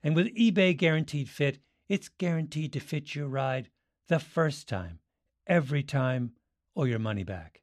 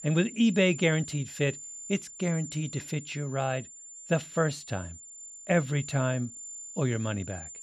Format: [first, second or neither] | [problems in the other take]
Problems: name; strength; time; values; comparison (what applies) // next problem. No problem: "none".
first | high-pitched whine; noticeable; throughout; 7 kHz, 10 dB below the speech